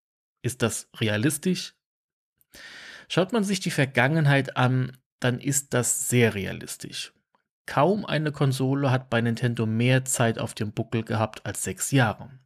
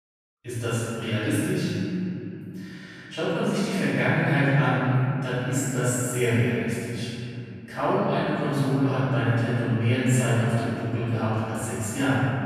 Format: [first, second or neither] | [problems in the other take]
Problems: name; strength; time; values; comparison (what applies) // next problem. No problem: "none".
first | off-mic speech; far // room echo; strong; dies away in 3 s